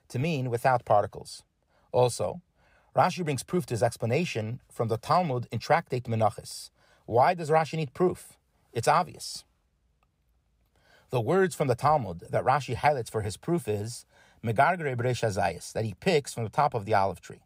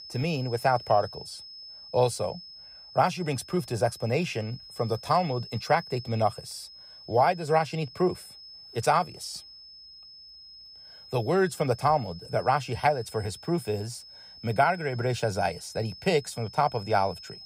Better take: first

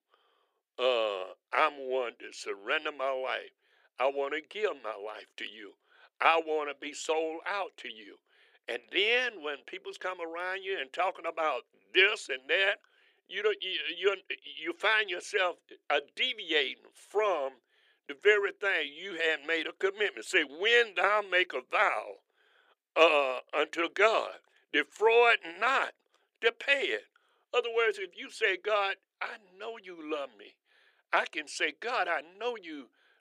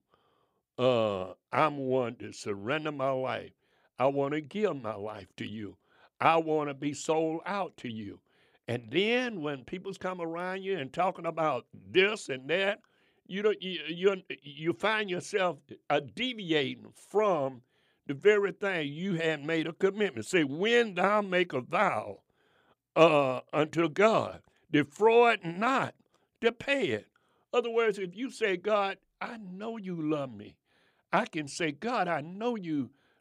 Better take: second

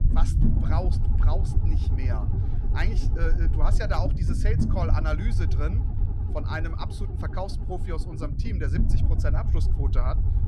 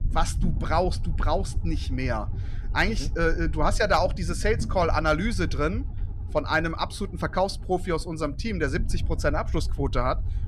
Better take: second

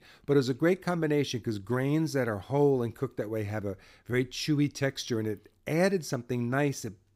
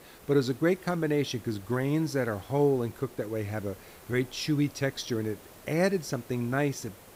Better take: first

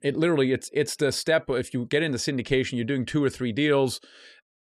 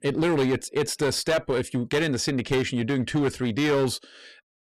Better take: first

